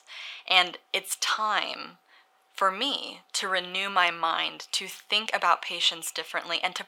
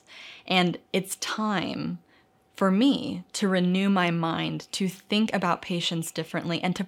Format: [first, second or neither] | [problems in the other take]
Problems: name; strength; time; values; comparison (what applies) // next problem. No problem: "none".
second | thin; very; fading below 850 Hz